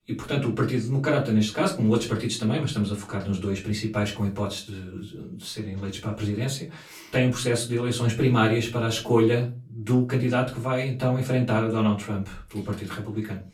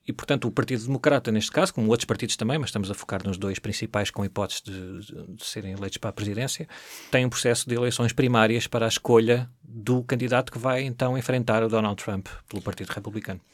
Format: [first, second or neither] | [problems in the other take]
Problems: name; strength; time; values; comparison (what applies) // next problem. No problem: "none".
second | off-mic speech; far // room echo; very slight; dies away in 0.3 s